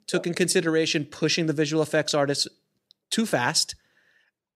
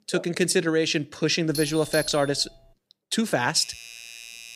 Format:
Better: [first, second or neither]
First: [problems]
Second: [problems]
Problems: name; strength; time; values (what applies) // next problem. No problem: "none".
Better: first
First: none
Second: doorbell; noticeable; from 1.5 to 2.5 s; peak 8 dB below the speech // doorbell; faint; from 3.5 s on; peak 15 dB below the speech